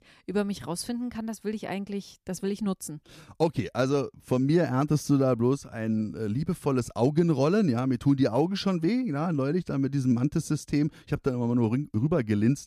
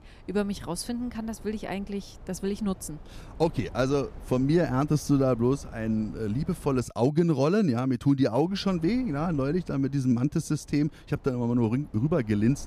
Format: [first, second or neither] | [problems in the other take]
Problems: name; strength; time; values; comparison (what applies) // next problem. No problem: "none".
first | wind noise on the microphone; occasional gusts; until 7 s and from 8.5 s on; 25 dB below the speech